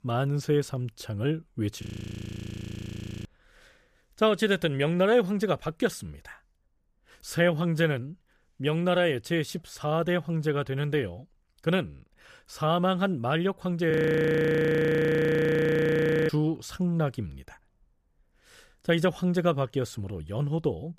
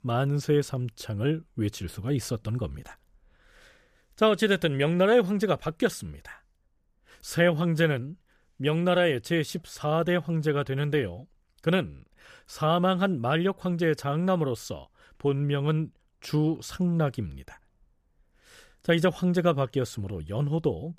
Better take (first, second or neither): second